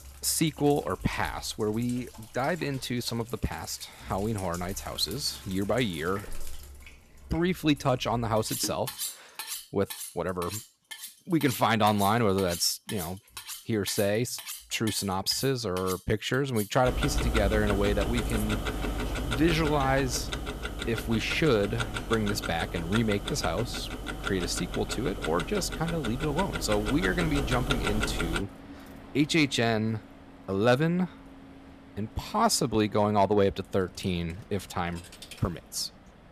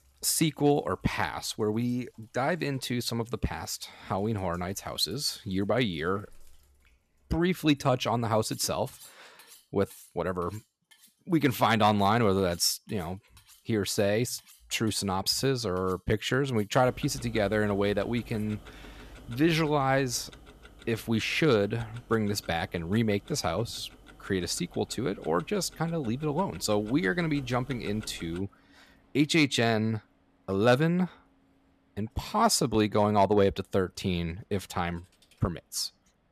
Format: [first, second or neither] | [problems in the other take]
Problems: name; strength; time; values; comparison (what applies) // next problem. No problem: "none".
second | household noises; loud; throughout; 7 dB below the speech; faint in the second